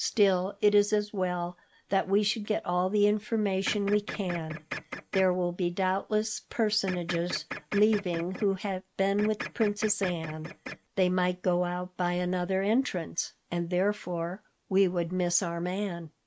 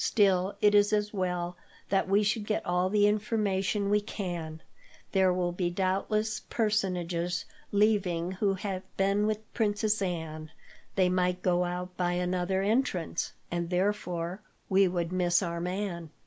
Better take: second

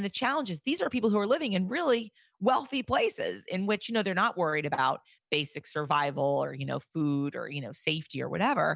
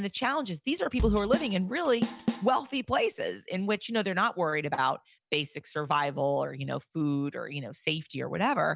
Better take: first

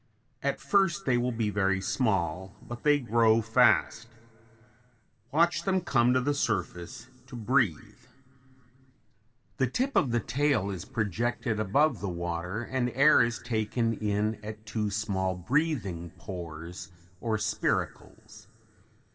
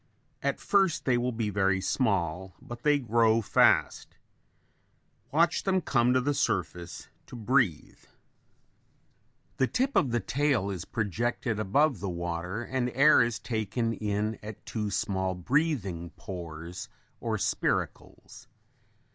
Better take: second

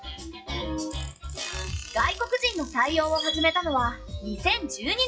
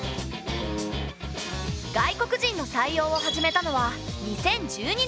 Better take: second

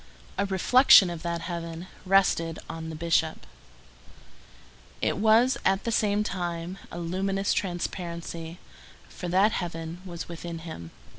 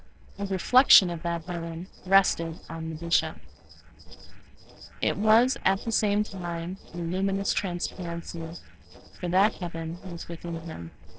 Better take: first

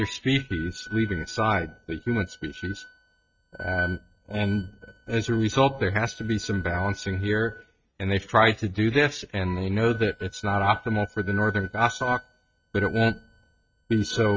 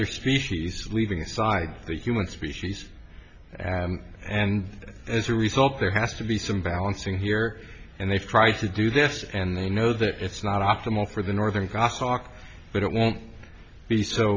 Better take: second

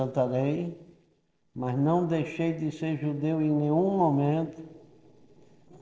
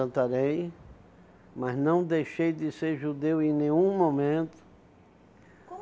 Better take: second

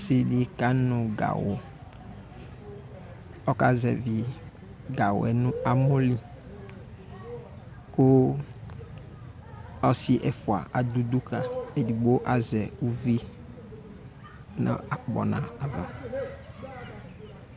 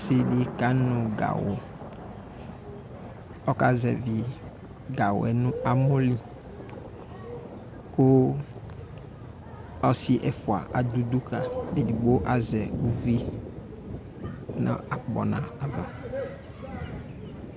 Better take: first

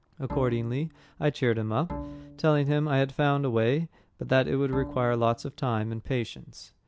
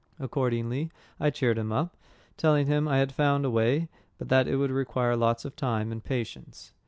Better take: second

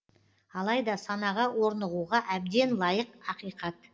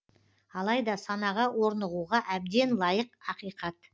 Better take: second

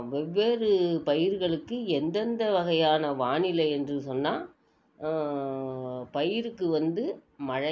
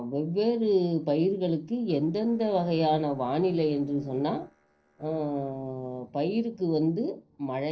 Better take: first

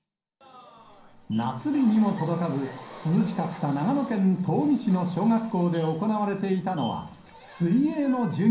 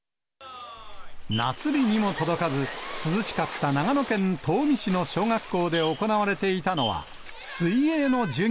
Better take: second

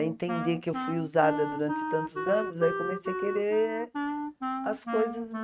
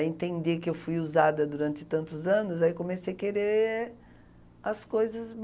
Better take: second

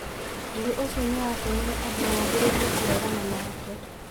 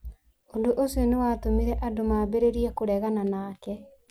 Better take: second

